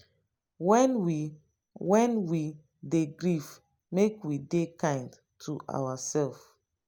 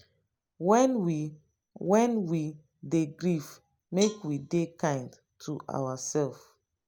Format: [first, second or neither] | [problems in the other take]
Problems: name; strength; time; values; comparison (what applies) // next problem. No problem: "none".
first | background sound (Cowbell); 16 dB below the speech